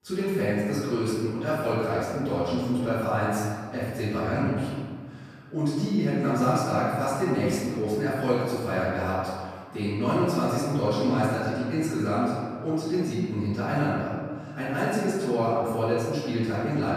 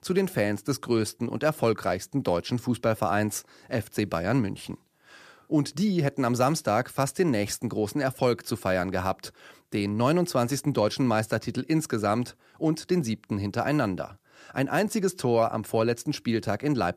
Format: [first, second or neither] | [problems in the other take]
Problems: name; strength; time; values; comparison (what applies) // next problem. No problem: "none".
second | off-mic speech; far // room echo; strong; dies away in 1.7 s